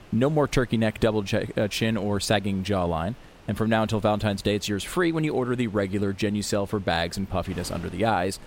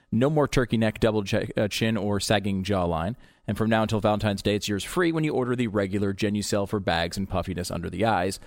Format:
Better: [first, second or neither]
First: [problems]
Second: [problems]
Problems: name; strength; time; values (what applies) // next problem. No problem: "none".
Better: second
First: wind noise on the microphone; occasional gusts; 25 dB below the speech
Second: none